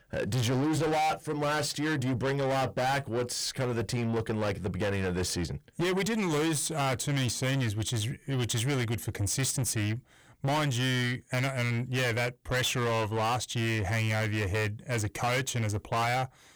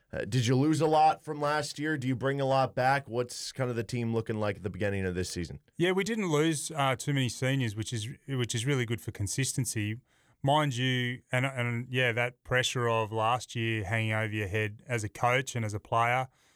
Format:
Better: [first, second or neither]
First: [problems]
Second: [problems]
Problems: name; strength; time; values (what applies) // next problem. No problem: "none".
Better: second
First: distortion; heavy; 7 dB below the speech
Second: none